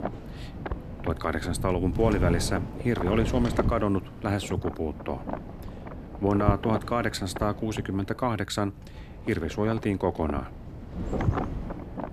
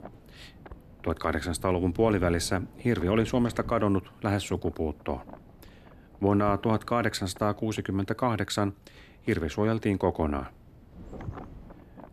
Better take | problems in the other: second | wind noise on the microphone; heavy; 9 dB below the speech; occasional gusts in the second

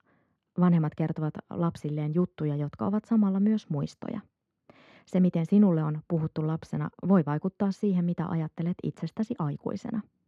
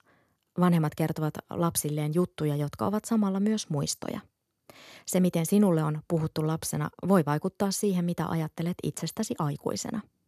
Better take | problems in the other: second | muffled; very; fading above 2.5 kHz

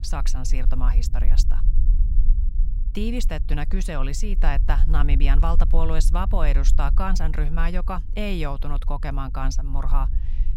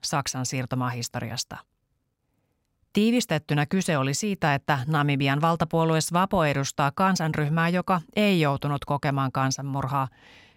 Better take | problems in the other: second | low rumble; noticeable; throughout; 15 dB below the speech

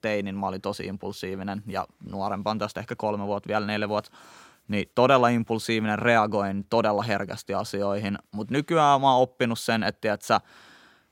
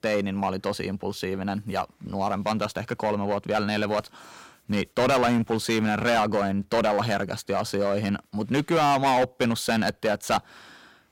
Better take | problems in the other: first | distortion; heavy; 8% of the sound clipped

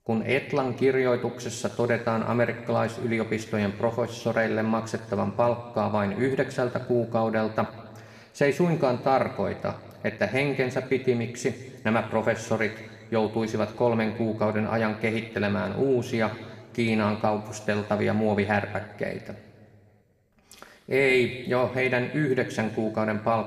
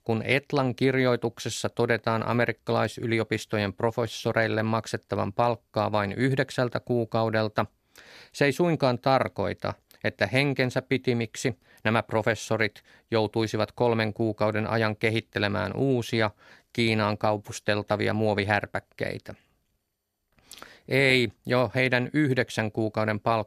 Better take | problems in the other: second | room echo; slight; dies away in 1.7 s

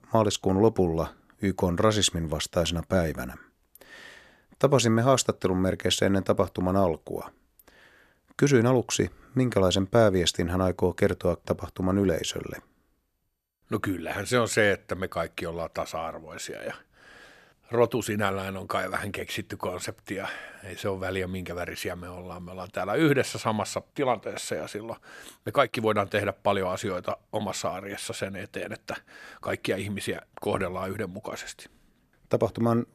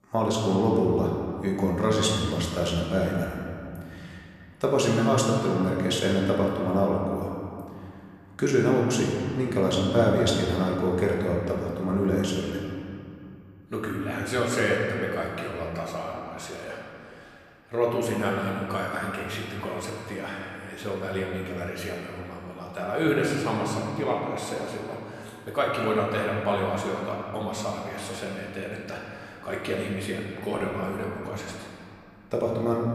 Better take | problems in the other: first | room echo; noticeable; dies away in 2.5 s // off-mic speech; somewhat distant

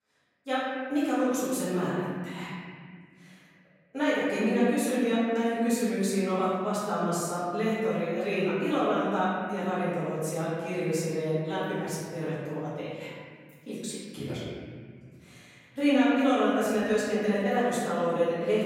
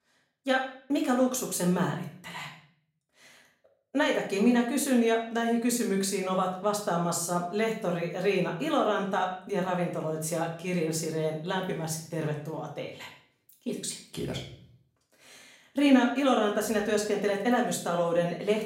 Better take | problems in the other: second | room echo; strong; dies away in 2.1 s; slight in the second // off-mic speech; far; far in the second

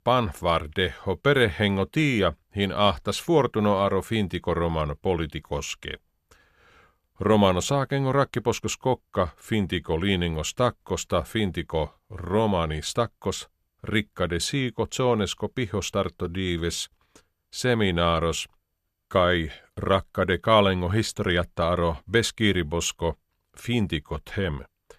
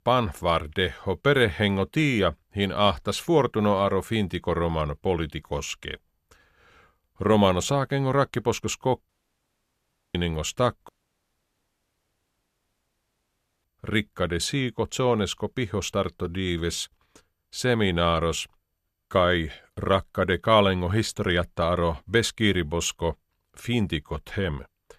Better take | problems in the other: first | audio cutting out; at 9 s for 1 s and at 11 s for 3 s

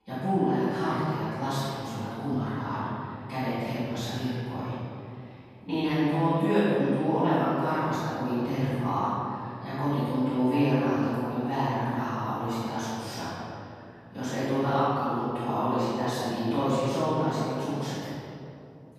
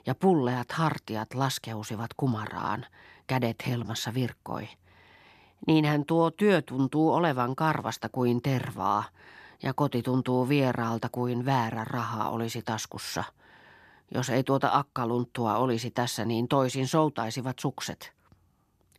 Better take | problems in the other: second | off-mic speech; far // room echo; strong; dies away in 2.4 s

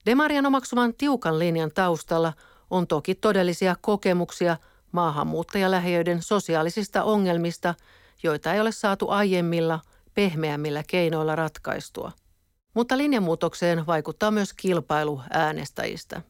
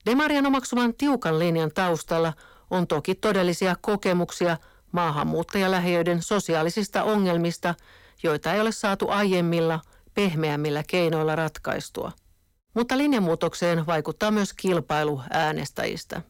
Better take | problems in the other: first | distortion; slight; 10 dB below the speech

